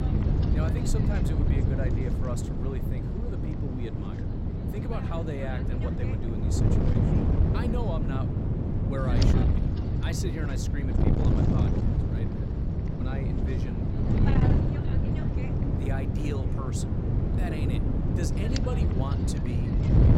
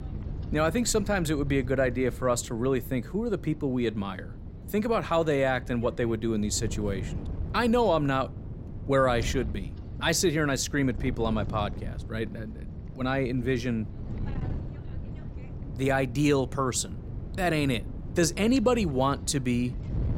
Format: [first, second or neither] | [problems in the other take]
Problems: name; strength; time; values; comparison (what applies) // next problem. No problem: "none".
second | wind noise on the microphone; heavy; 3 dB above the speech; occasional gusts in the second